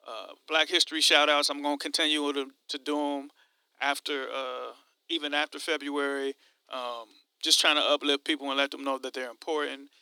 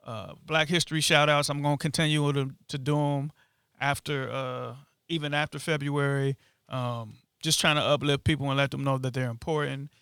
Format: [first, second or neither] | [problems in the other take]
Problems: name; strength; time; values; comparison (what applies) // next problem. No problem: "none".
second | thin; somewhat; fading below 300 Hz